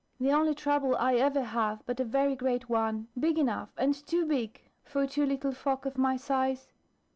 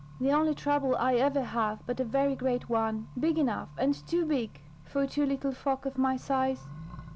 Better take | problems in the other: first | background sound (Accelerating, revving, vroom); 17 dB below the speech

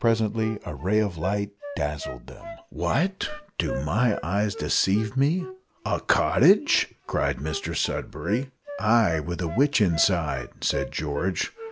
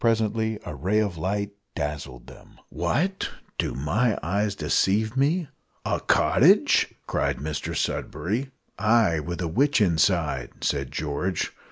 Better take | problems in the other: second | background sound (Wind instrument, woodwind instrument); 14 dB below the speech

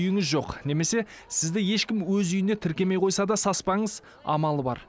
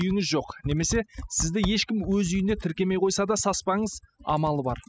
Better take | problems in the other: first | noise reduction (classical method spectral subtraction)

